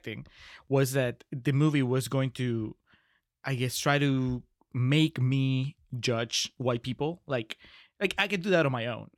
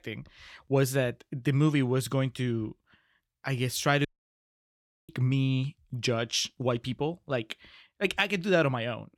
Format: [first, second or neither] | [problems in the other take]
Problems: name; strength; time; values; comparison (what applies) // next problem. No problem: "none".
first | audio cutting out; at 4 s for 1 s